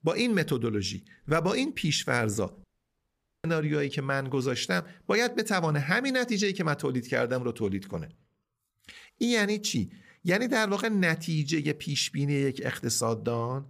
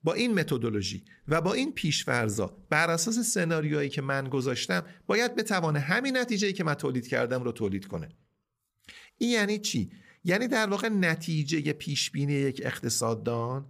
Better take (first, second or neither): second